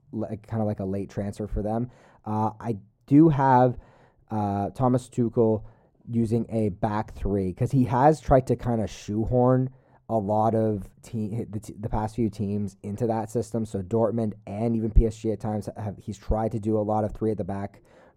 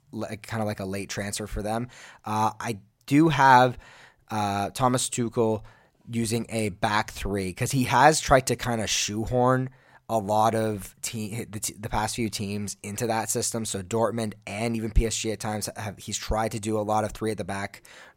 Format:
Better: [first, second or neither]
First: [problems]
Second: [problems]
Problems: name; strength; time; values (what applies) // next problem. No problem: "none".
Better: second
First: muffled; very; fading above 1 kHz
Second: none